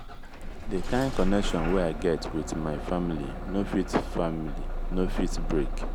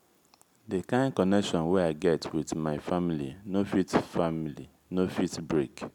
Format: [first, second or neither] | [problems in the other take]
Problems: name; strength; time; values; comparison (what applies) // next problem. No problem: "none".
second | background sound (Engine starting / Bus); 2 dB below the speech